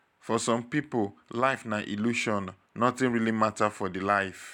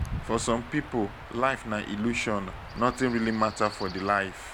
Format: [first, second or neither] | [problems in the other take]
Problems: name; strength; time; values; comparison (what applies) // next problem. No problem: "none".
first | background sound (Stream / Chirp, tweet / Wind); 11 dB below the speech